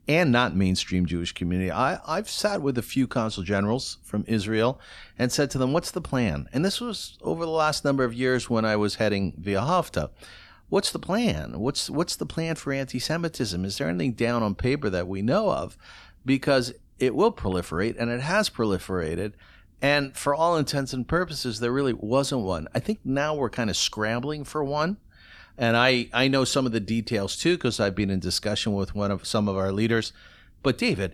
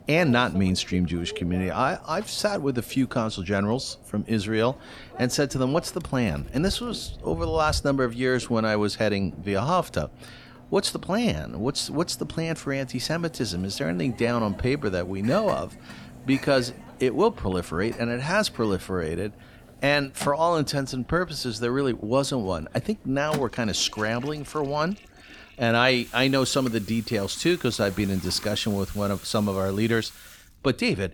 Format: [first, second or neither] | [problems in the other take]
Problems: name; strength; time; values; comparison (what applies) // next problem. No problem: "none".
first | household noises; noticeable; throughout; 20 dB below the speech